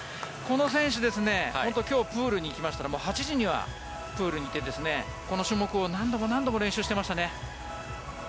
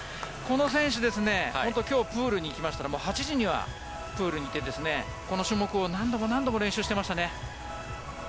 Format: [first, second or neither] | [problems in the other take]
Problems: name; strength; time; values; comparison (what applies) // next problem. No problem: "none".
first | background sound (Mechanical fan); 20 dB below the speech